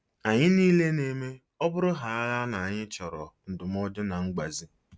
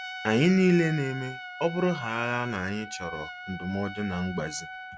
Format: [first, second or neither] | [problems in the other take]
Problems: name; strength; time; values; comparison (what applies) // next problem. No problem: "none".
first | background sound (Trumpet); 12 dB below the speech